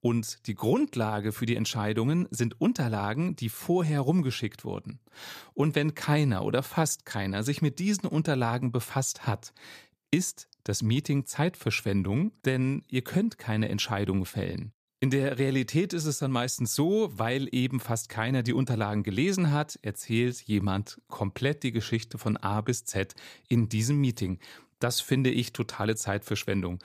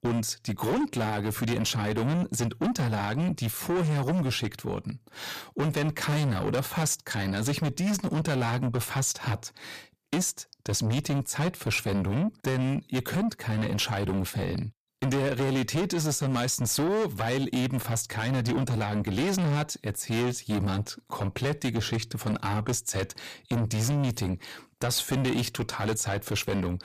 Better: first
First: none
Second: distortion; heavy; 6 dB below the speech

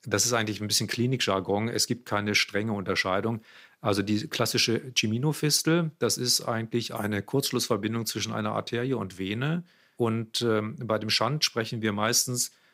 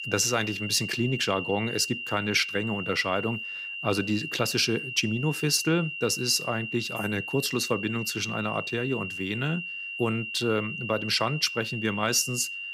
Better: first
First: none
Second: high-pitched whine; loud; throughout; 3 kHz, 6 dB below the speech

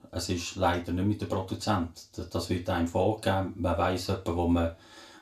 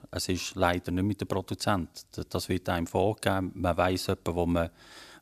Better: second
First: room echo; very slight; dies away in 0.3 s // off-mic speech; far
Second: none

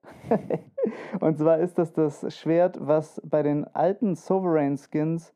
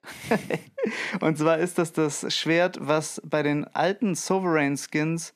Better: second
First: muffled; very; fading above 1.5 kHz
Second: none

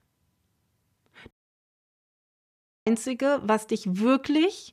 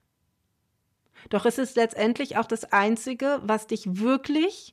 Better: second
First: audio cutting out; at 1.5 s for 1.5 s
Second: none

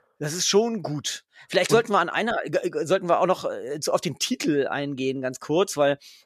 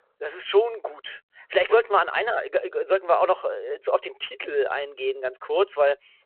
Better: first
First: none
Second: phone-call audio

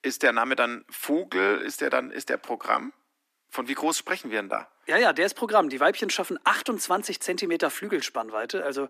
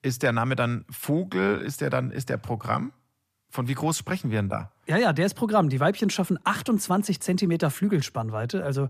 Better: second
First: thin; somewhat; fading below 300 Hz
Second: none

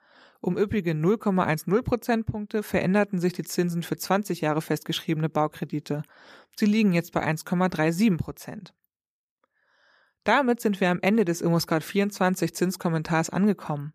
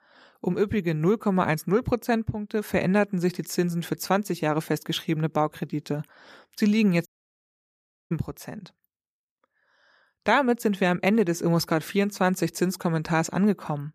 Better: first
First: none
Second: audio cutting out; at 7 s for 1 s

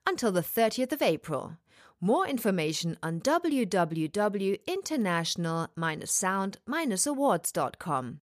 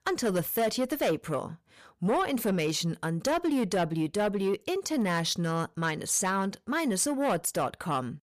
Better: first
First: none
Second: distortion; slight; 10 dB below the speech

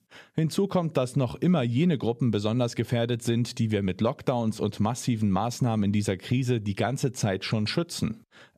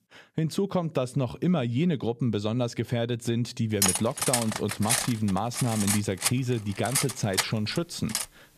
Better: first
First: none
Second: clattering dishes; loud; from 4 s on; peak 4 dB above the speech

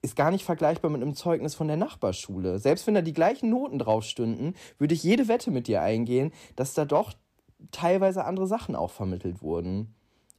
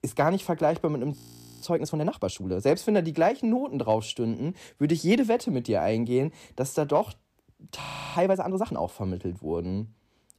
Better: first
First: none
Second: audio freezing; at 1 s and at 8 s

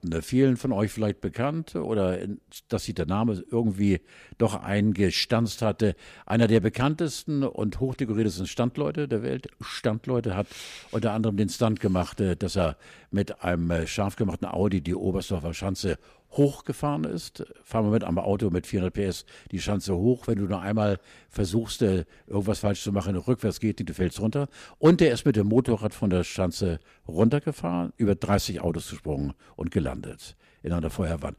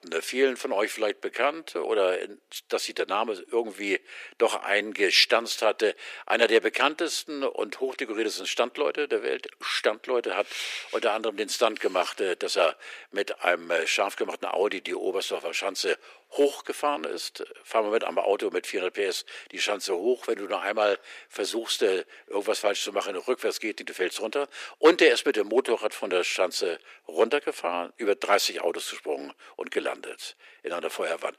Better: first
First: none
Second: thin; very; fading below 350 Hz

